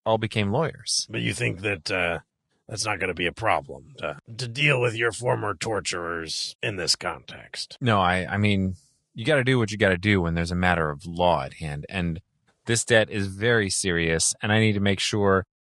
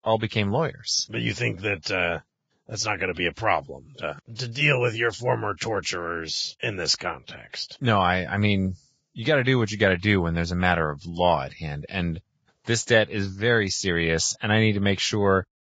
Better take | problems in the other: first | garbled, watery; badly; nothing above 7.5 kHz; slightly in the first

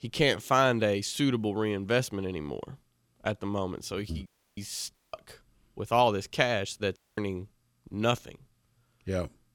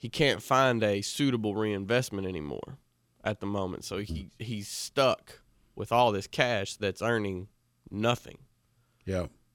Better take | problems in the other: second | audio cutting out; at 4.5 s, at 5 s and at 7 s

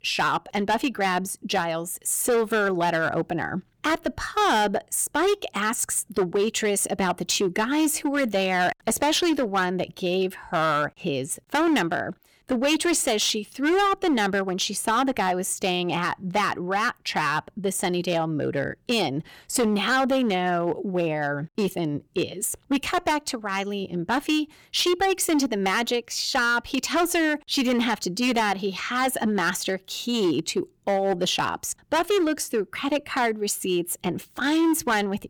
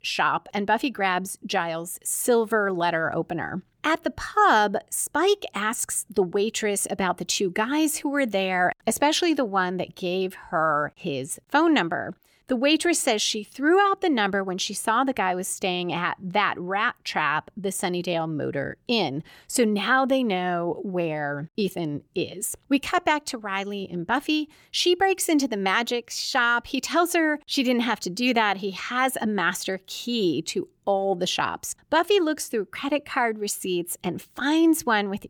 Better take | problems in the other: second | distortion; slight; 9% of the sound clipped

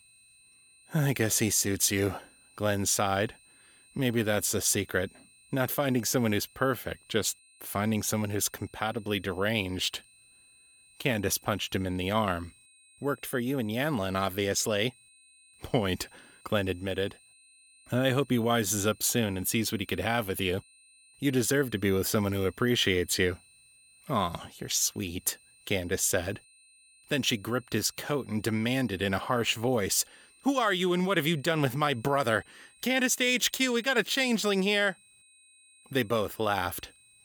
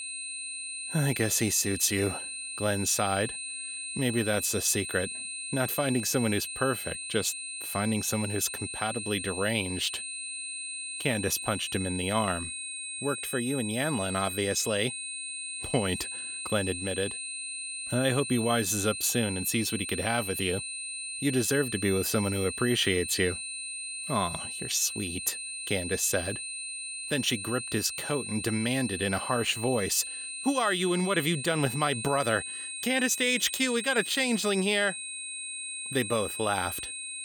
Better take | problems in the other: first | high-pitched whine; loud; throughout; 9 kHz, 6 dB below the speech; faint in the first

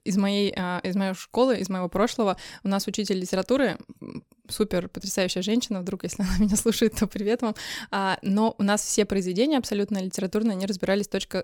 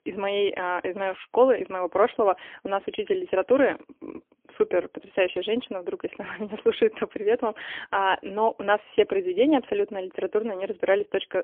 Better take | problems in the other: first | phone-call audio; poor line; nothing above 3.5 kHz

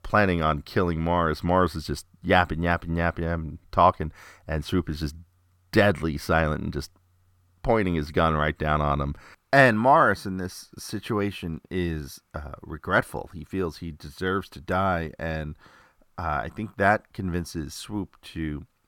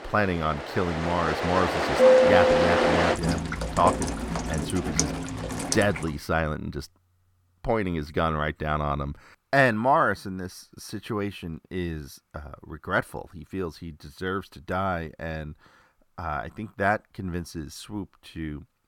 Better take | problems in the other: first | rain or running water; very loud; until 6 s; 4 dB above the speech

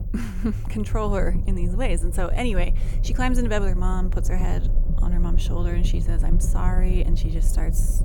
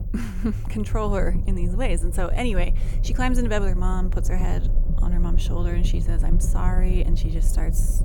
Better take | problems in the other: neither | low rumble; noticeable; throughout; 10 dB below the speech; the same in both

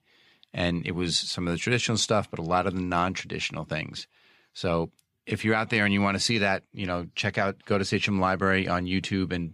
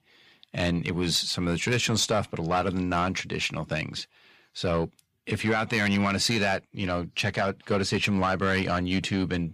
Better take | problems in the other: first | distortion; slight; 10 dB below the speech

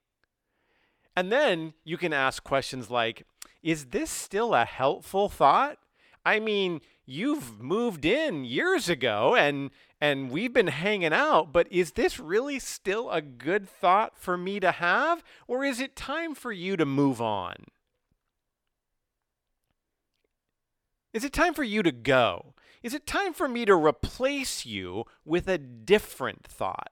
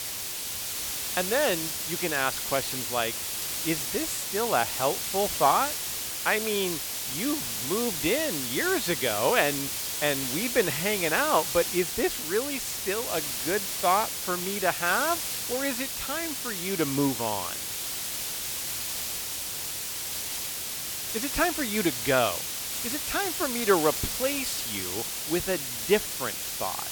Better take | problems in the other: first | hiss; loud; throughout; 1 dB below the speech

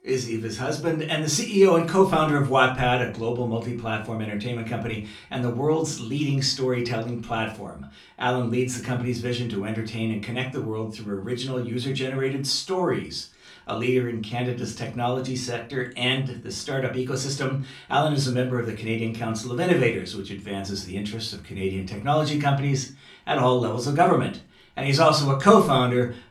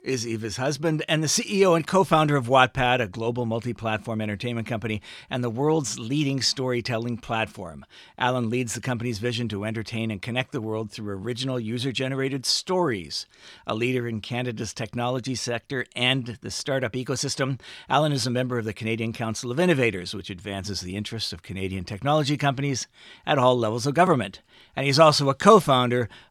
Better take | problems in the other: second | off-mic speech; far // room echo; slight; dies away in 0.3 s

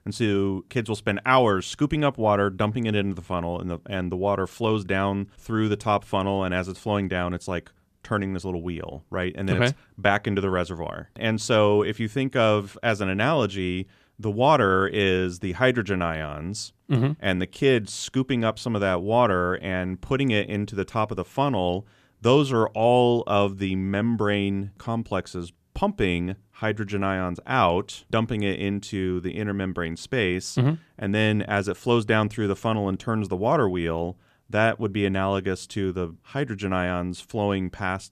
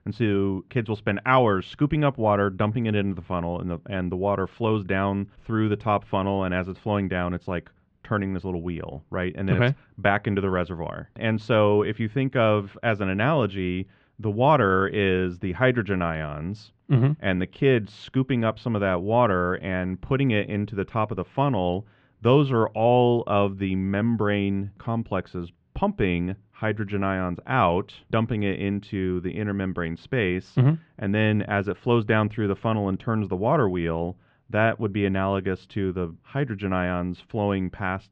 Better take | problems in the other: first | muffled; very; fading above 3 kHz

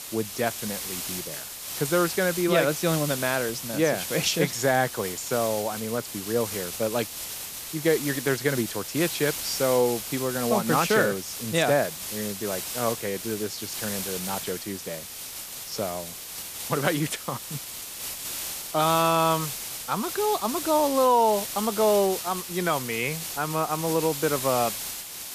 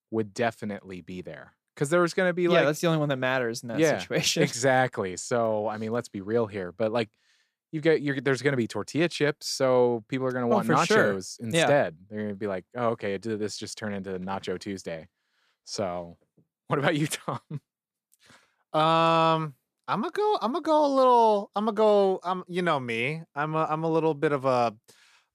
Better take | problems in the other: second | hiss; loud; throughout; 6 dB below the speech

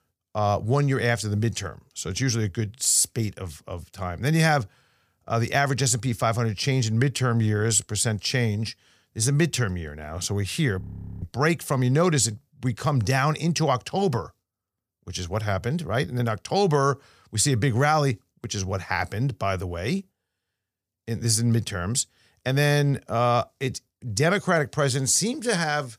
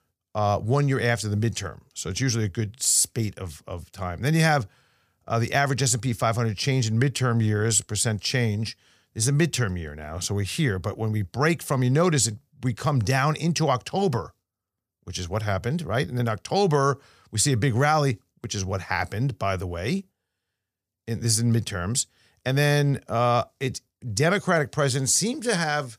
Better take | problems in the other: second | audio freezing; at 11 s

